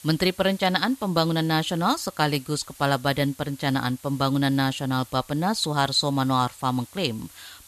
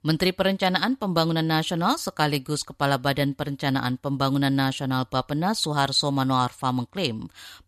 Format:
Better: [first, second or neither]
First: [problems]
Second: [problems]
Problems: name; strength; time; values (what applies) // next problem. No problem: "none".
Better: second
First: hiss; faint; throughout; 20 dB below the speech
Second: none